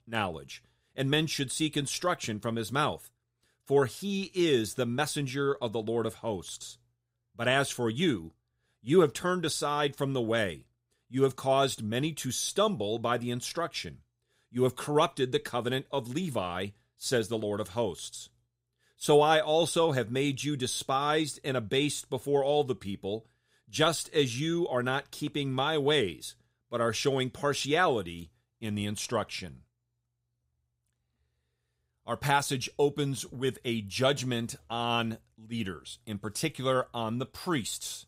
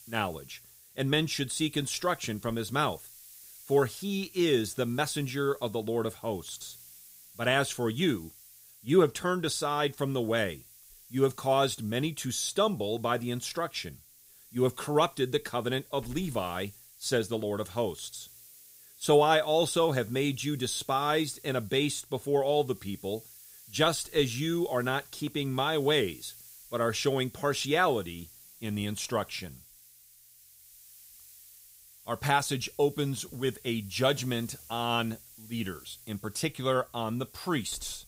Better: first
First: none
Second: hiss; faint; throughout; 20 dB below the speech

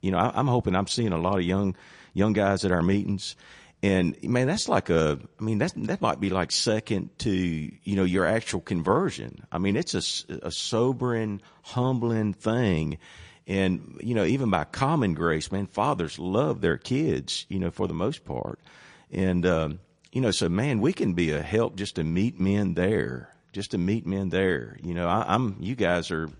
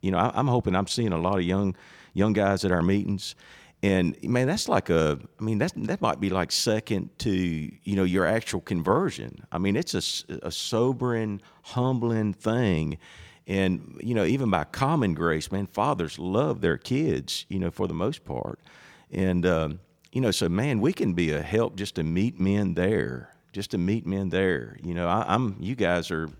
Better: second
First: garbled, watery; slightly; nothing above 10.5 kHz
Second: none

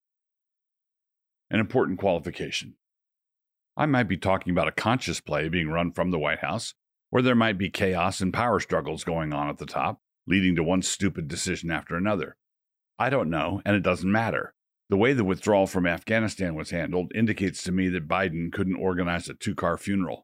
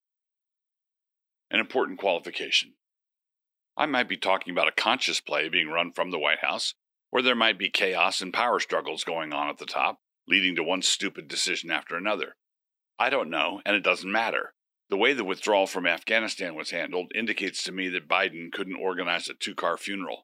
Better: first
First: none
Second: thin; somewhat; fading below 300 Hz

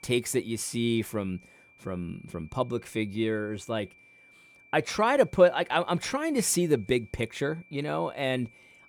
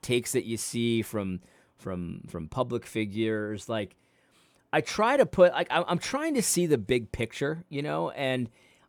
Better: second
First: high-pitched whine; faint; throughout; 2.5 kHz, 25 dB below the speech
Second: none

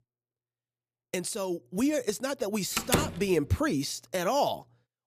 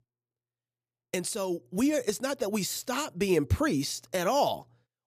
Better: second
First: door banging; loud; at 3 s; peak 2 dB above the speech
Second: none

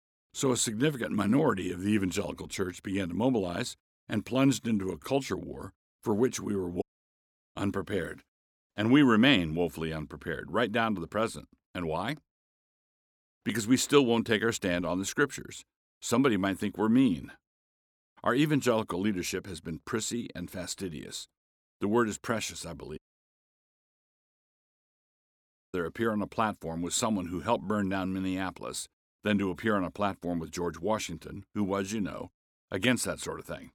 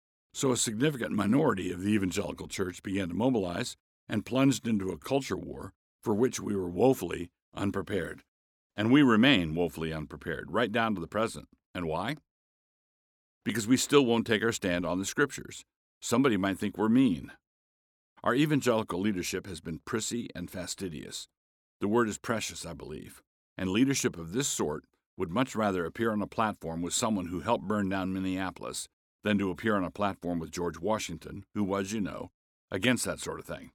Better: second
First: audio cutting out; at 7 s for 0.5 s and at 23 s for 3 s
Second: none

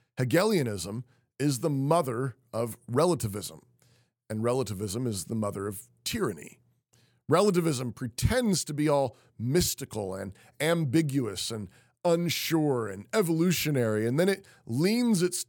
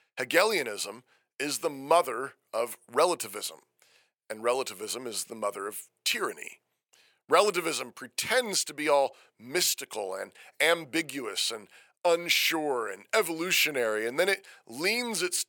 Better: first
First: none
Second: thin; very; fading below 600 Hz

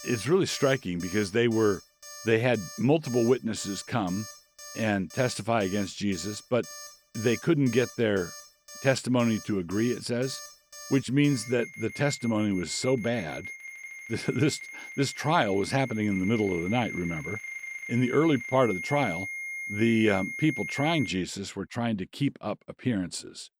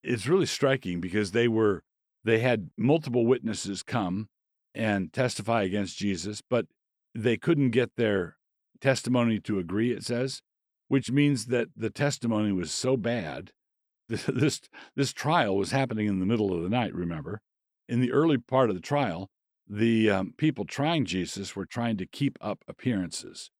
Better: second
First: alarms or sirens; noticeable; throughout; 10 dB below the speech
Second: none

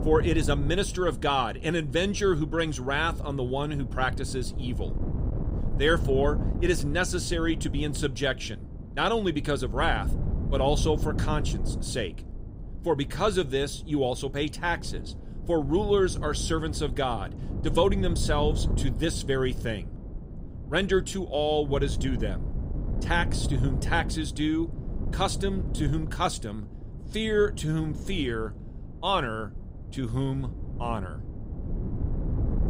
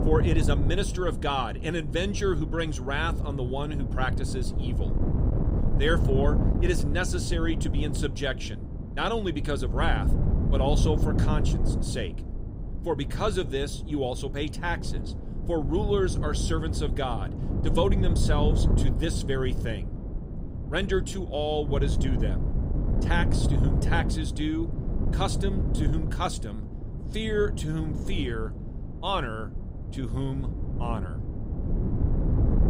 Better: first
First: wind noise on the microphone; occasional gusts; 15 dB below the speech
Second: wind noise on the microphone; heavy; 8 dB below the speech

